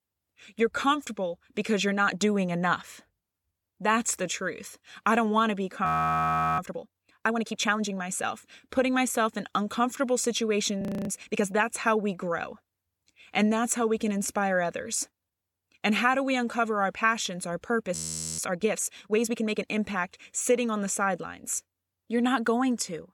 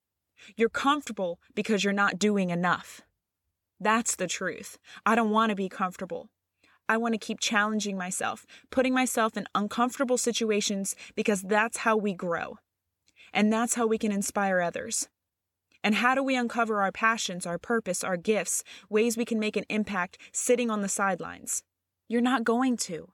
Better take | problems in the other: second | audio freezing; at 6 s for 0.5 s, at 11 s and at 18 s

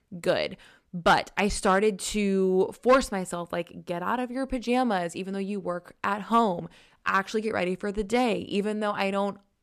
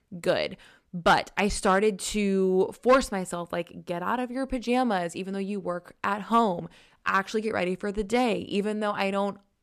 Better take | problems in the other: neither | none

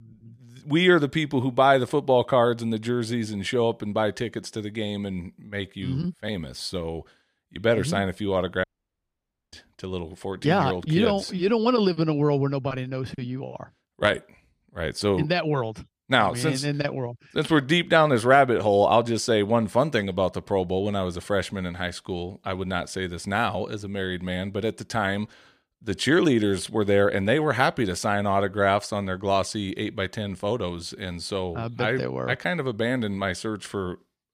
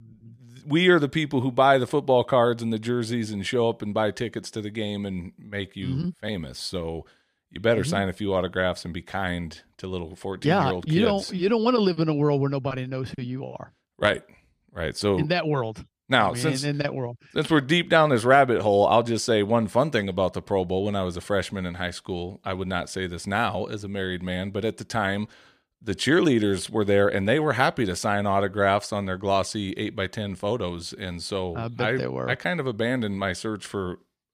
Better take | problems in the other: second | audio cutting out; at 8.5 s for 1 s

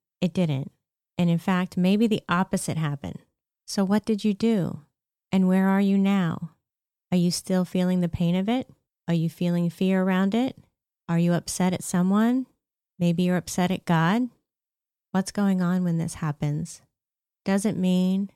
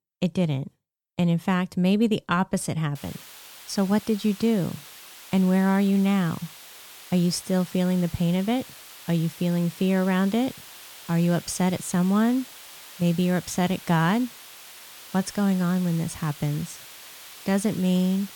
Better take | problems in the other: first | hiss; noticeable; from 3 s on; 15 dB below the speech

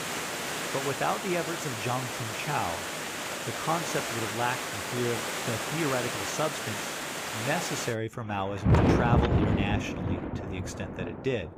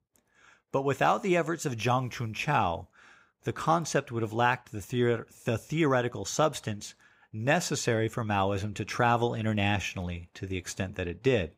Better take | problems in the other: second | rain or running water; very loud; throughout; 2 dB above the speech

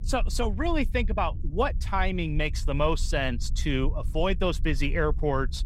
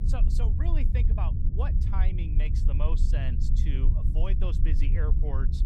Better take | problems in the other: first | low rumble; loud; throughout; 3 dB below the speech; faint in the first

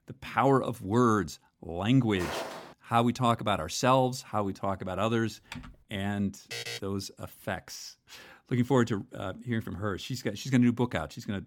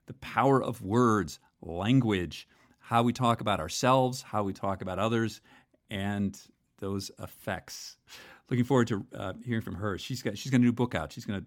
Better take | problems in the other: second | footsteps; noticeable; at 2 s; peak 7 dB below the speech // keyboard typing; faint; at 5.5 s; peak 15 dB below the speech // alarm; noticeable; at 6.5 s; peak 7 dB below the speech

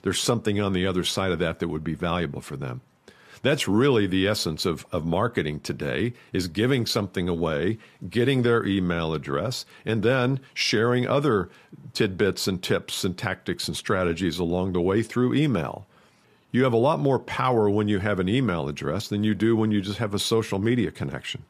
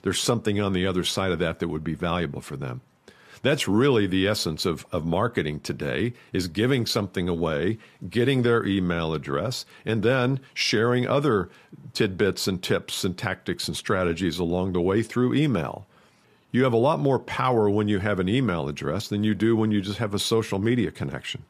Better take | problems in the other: neither | none

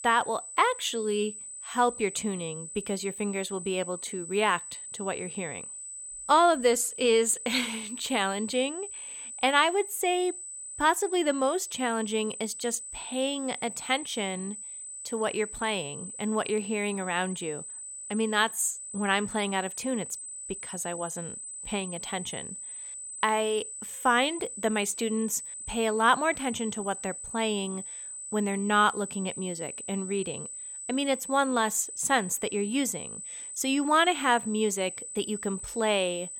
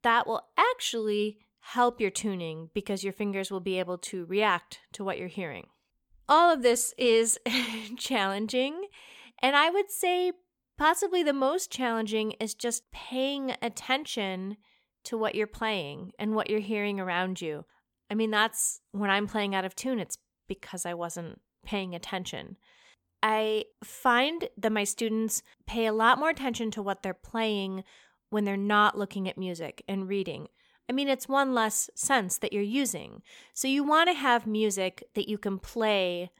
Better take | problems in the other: second | high-pitched whine; loud; throughout; 8 kHz, 9 dB below the speech

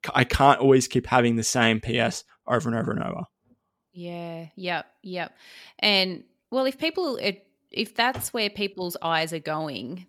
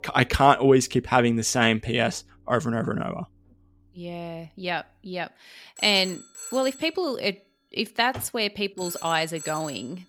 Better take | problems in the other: first | alarms or sirens; noticeable; throughout; 15 dB below the speech

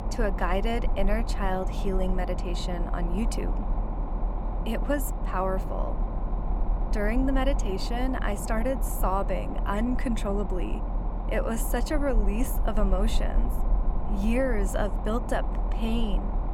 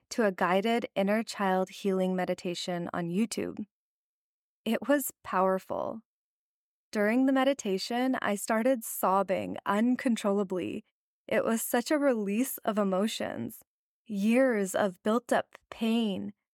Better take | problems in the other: second | low rumble; loud; throughout; 8 dB below the speech

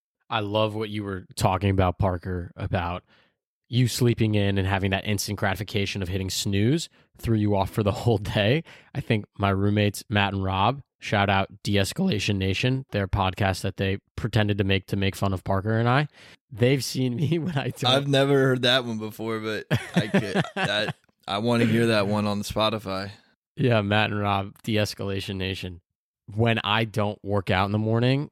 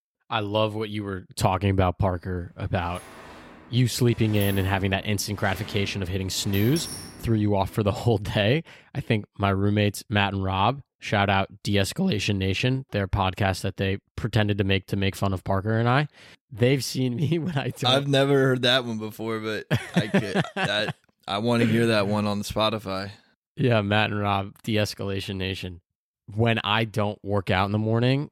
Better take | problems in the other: first | door banging; noticeable; from 3 to 7.5 s; peak 8 dB below the speech

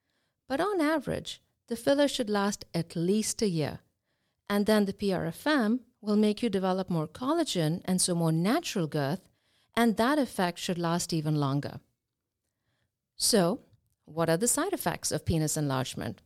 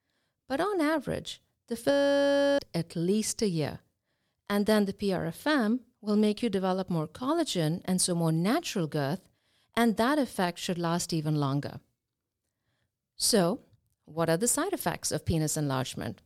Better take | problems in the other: first | audio freezing; at 2 s for 0.5 s

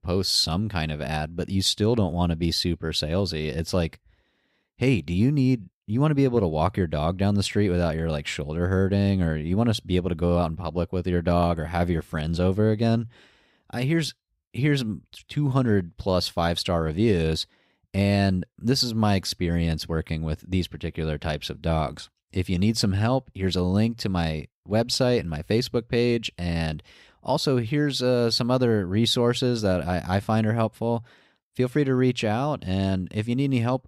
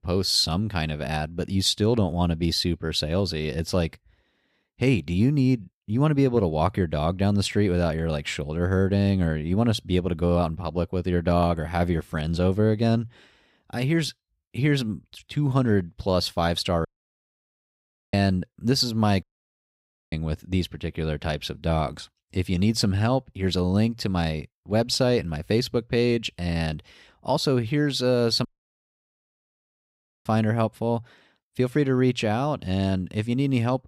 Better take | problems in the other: first | audio cutting out; at 17 s for 1.5 s, at 19 s for 1 s and at 28 s for 2 s

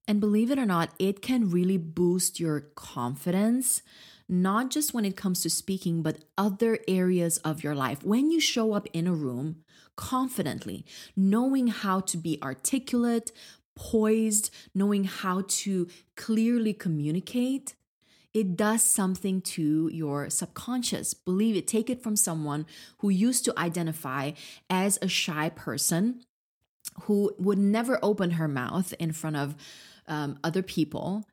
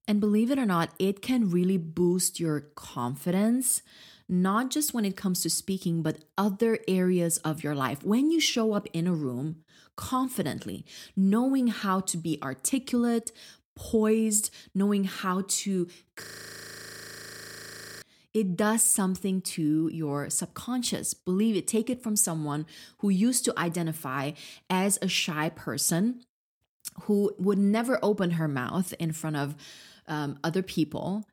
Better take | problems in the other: first | audio freezing; at 16 s for 2 s

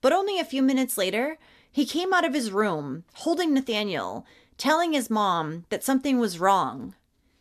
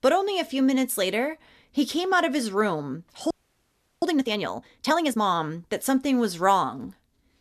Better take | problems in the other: first | audio freezing; at 3.5 s for 0.5 s

